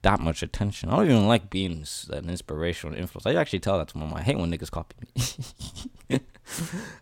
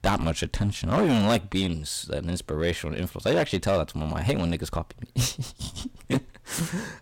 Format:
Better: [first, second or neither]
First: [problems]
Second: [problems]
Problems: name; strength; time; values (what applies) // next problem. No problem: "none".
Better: first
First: none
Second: distortion; heavy; 6% of the sound clipped